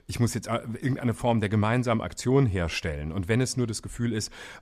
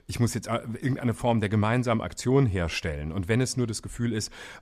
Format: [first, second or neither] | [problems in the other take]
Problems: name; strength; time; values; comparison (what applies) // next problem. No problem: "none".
neither | none